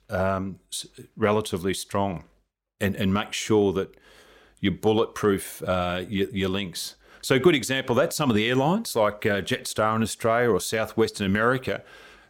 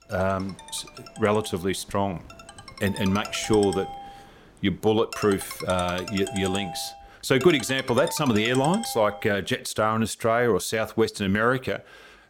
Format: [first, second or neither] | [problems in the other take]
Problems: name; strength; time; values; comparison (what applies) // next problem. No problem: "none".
first | phone ringing; noticeable; until 9.5 s; peak 9 dB below the speech